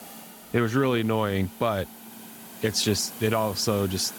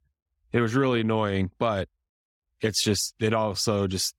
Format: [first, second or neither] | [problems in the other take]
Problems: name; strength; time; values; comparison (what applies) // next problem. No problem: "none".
second | hiss; noticeable; throughout; 15 dB below the speech